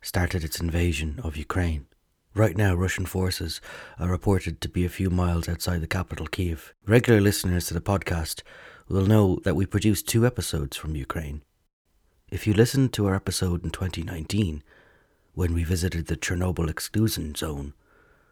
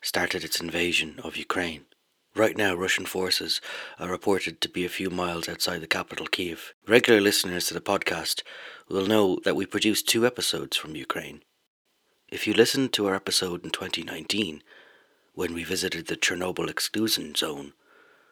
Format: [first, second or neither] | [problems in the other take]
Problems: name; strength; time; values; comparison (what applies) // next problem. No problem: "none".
first | thin; somewhat; fading below 350 Hz